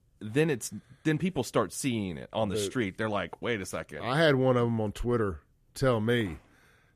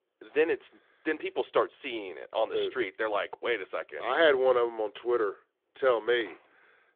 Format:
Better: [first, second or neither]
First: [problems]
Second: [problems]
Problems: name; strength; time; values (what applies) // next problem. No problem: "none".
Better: first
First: none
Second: phone-call audio; nothing above 3.5 kHz